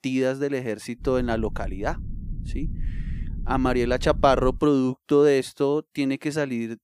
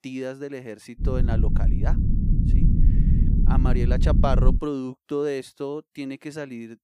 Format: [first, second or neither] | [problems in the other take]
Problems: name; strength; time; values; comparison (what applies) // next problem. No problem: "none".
first | low rumble; loud; from 1 to 4.5 s; 5 dB below the speech; faint in the first